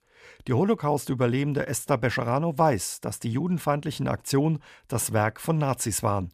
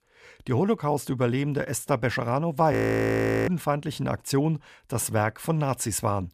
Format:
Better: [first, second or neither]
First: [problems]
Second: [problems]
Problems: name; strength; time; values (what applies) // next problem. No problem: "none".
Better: first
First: none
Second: audio freezing; at 2.5 s for 1 s